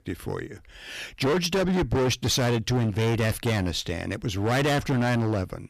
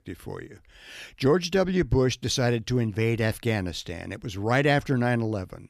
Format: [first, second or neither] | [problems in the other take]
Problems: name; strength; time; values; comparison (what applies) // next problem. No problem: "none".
second | distortion; heavy; 21% of the sound clipped